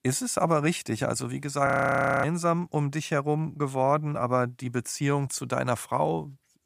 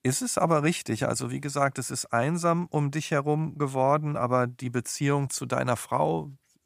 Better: second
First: audio freezing; at 1.5 s for 0.5 s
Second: none

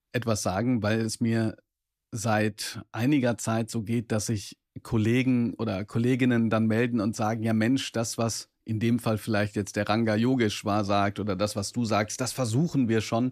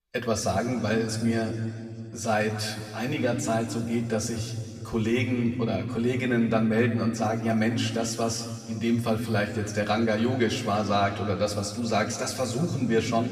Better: first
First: none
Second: room echo; noticeable; dies away in 2.1 s // off-mic speech; somewhat distant

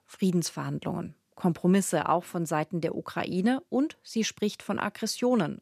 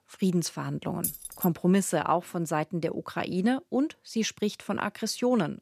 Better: first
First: none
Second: jangling keys; noticeable; at 1 s; peak 4 dB below the speech

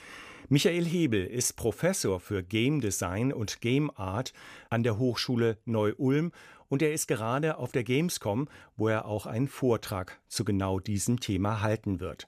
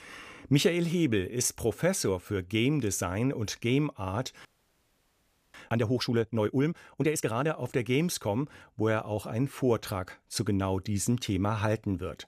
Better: first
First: none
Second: audio freezing; at 4.5 s for 1 s

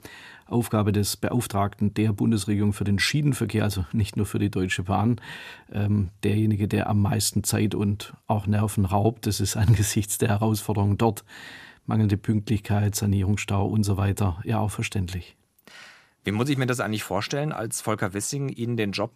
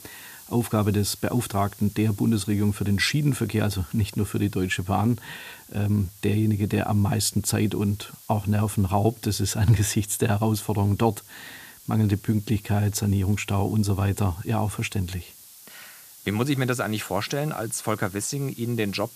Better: first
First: none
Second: hiss; noticeable; throughout; 20 dB below the speech

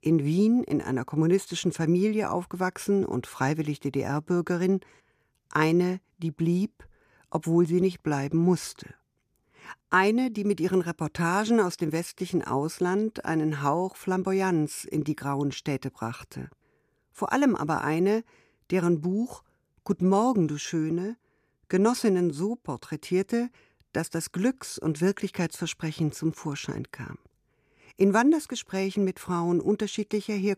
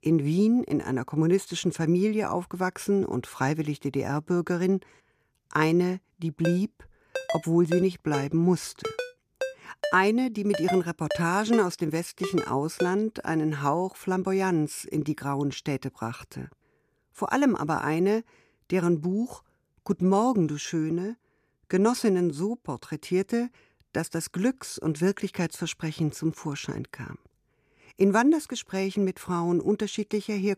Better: first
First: none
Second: phone ringing; noticeable; from 6.5 to 13 s; peak 5 dB below the speech

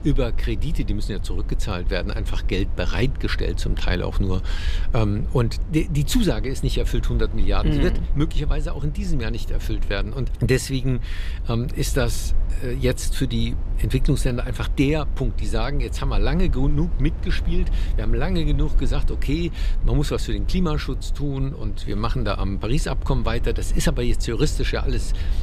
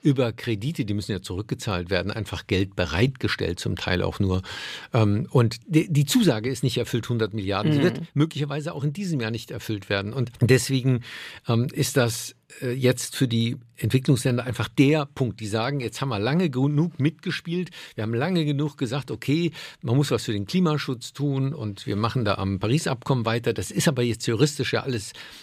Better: second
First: low rumble; noticeable; throughout; 15 dB below the speech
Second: none

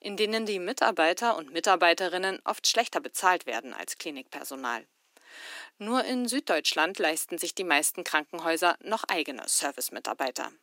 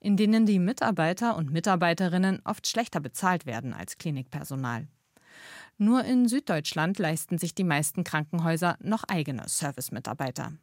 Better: second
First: thin; very; fading below 300 Hz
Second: none

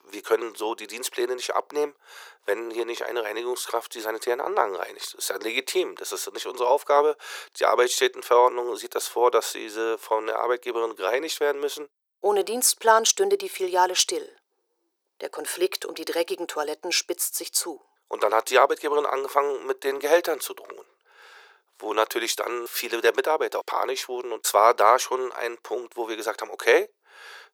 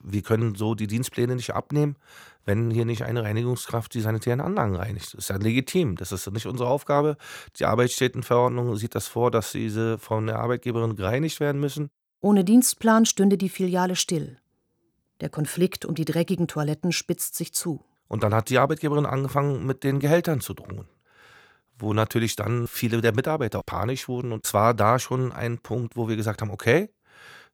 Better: second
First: thin; very; fading below 400 Hz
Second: none

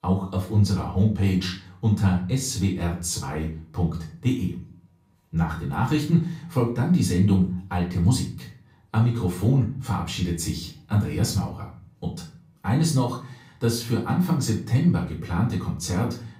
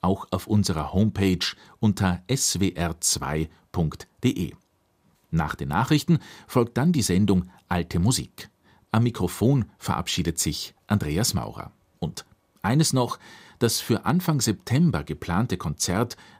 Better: second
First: off-mic speech; far // room echo; slight; dies away in 0.4 s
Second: none

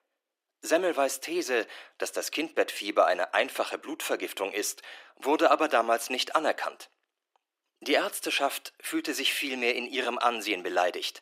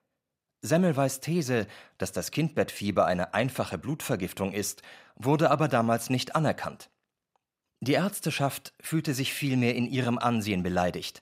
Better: second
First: thin; very; fading below 300 Hz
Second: none

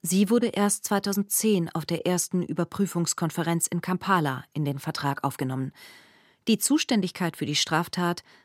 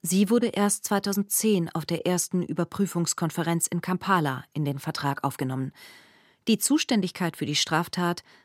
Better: neither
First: none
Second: none

